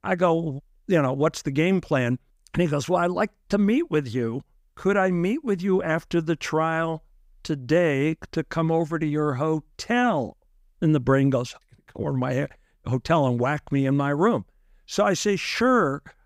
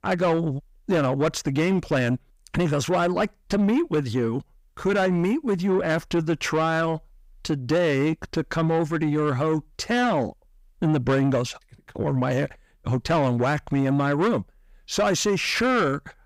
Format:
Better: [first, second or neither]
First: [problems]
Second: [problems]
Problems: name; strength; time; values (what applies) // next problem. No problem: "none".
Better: first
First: none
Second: distortion; slight; 10 dB below the speech